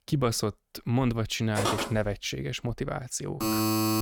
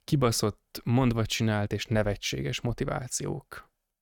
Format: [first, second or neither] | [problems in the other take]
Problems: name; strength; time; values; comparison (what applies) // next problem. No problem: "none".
second | footsteps; loud; at 1.5 s; peak 1 dB above the speech // alarm; loud; at 3.5 s; peak 5 dB above the speech